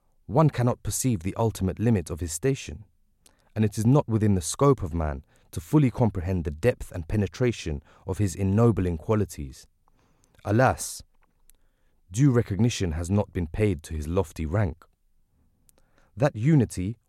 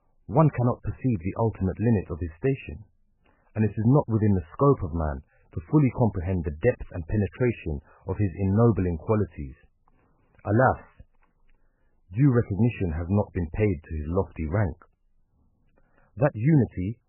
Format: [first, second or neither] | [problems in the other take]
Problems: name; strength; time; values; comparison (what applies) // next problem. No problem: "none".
first | garbled, watery; badly; nothing above 3 kHz